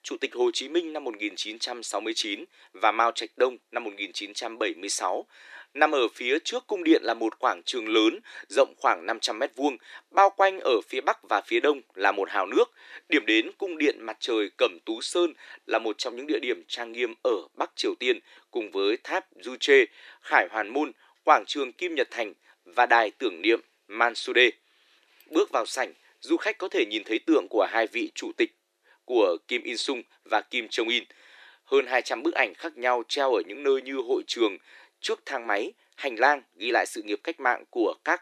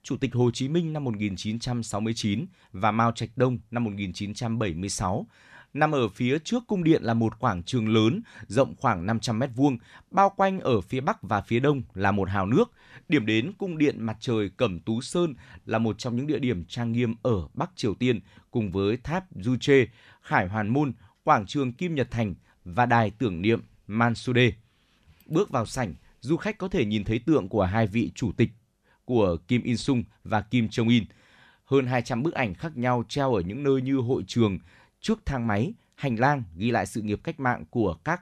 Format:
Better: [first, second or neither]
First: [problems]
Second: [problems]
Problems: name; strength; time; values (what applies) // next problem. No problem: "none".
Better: second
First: thin; very; fading below 300 Hz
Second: none